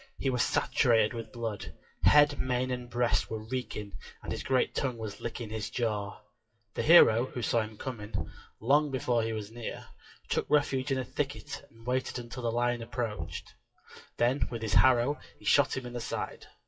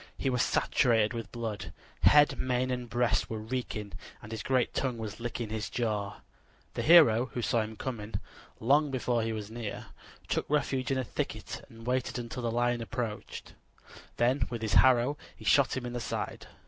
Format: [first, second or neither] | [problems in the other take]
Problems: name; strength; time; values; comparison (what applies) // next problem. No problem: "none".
second | noise reduction (classical method WPE with log-MMSE)